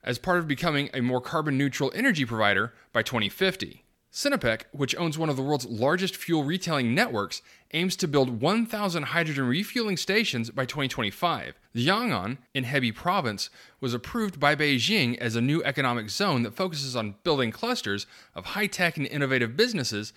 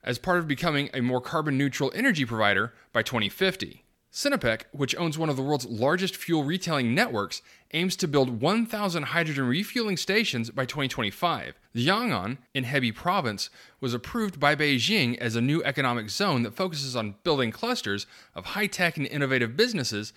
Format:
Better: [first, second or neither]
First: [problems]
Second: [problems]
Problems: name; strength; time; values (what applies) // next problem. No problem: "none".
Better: neither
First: none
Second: none